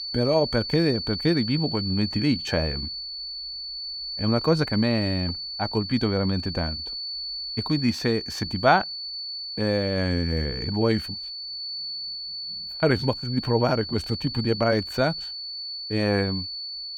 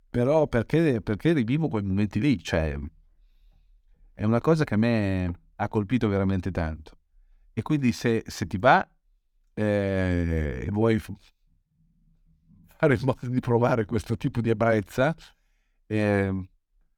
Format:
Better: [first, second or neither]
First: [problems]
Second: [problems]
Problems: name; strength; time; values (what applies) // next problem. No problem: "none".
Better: second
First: high-pitched whine; loud; throughout; 4.5 kHz, 6 dB below the speech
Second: none